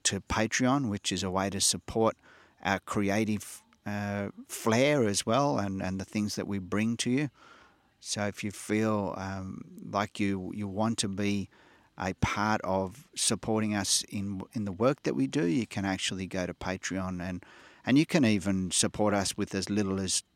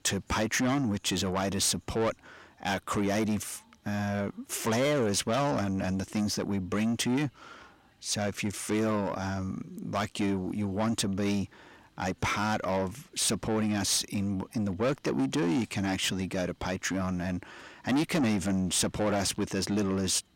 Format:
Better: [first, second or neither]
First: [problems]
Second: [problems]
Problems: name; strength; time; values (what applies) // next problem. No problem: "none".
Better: first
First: none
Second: distortion; heavy; 7 dB below the speech